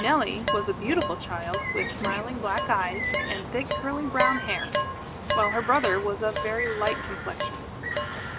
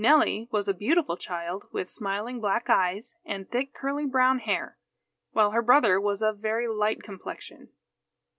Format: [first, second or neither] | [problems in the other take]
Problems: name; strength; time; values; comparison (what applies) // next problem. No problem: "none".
second | background sound (Bird + Dishes, pots, and pans); 2 dB below the speech